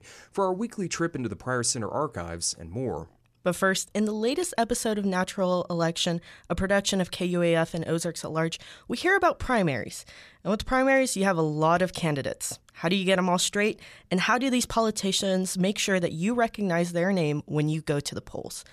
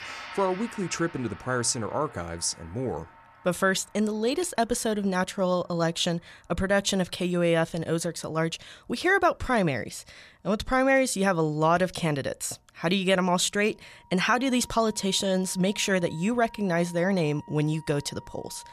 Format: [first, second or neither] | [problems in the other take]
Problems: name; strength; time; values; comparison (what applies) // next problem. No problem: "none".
first | background music; faint; throughout; 20 dB below the speech